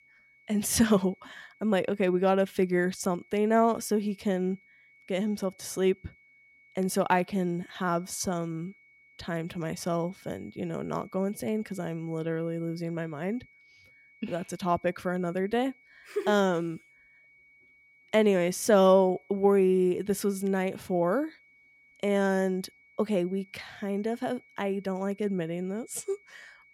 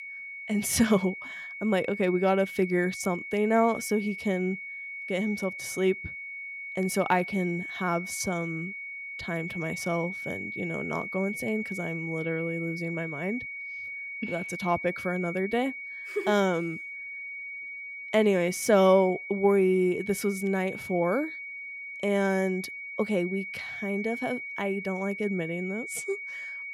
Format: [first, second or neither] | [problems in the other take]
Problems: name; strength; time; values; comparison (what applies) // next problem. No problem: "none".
first | high-pitched whine; loud; throughout; 2 kHz, 8 dB below the speech; faint in the first